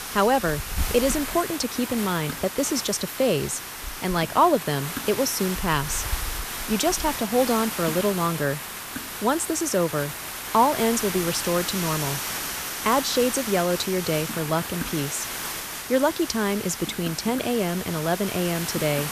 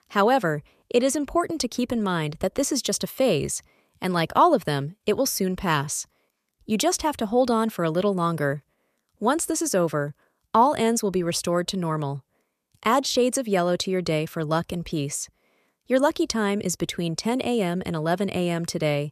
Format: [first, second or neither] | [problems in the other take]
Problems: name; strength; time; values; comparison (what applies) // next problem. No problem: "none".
second | hiss; loud; throughout; 6 dB below the speech